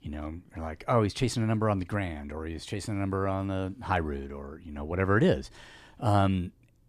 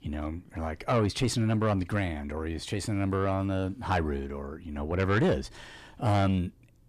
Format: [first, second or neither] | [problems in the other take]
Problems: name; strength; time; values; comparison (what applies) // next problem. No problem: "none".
first | distortion; slight; 10 dB below the speech